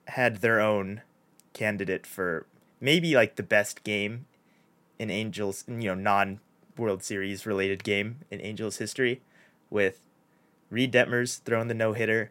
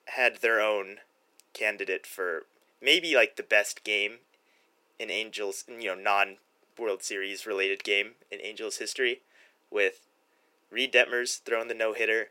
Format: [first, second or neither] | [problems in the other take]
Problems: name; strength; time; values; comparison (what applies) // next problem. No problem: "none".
first | thin; very; fading below 350 Hz